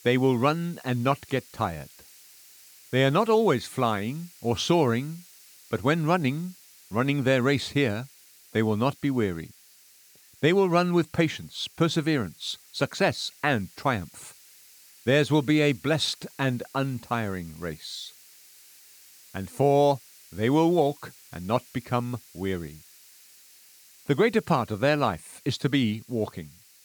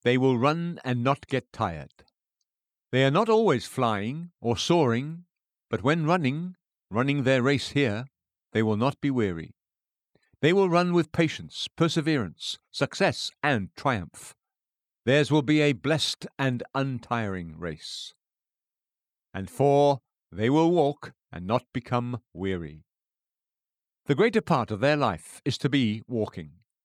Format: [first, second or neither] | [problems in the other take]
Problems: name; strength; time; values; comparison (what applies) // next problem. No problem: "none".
second | hiss; faint; throughout; 25 dB below the speech